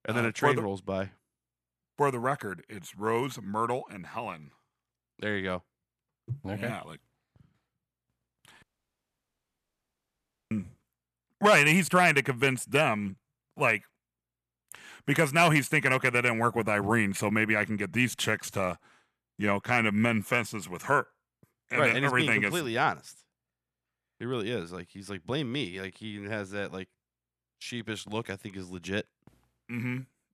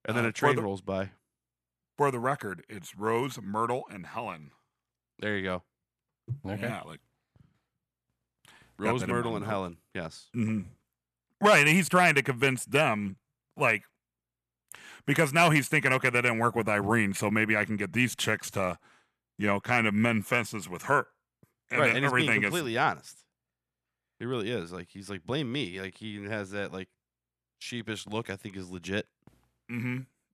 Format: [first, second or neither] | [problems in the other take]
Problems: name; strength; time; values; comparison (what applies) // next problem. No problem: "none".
second | audio cutting out; at 8.5 s for 2 s